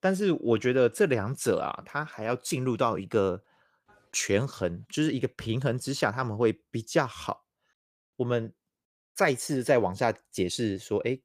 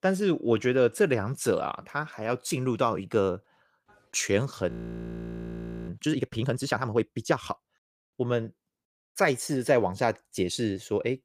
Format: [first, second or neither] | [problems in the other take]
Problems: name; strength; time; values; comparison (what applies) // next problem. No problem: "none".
first | audio freezing; at 4.5 s for 1 s